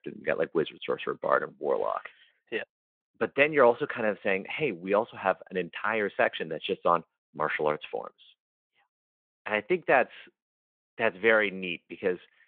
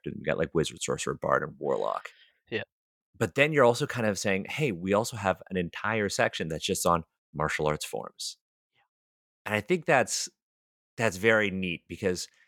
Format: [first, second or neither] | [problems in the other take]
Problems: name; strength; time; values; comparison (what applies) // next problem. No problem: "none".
second | phone-call audio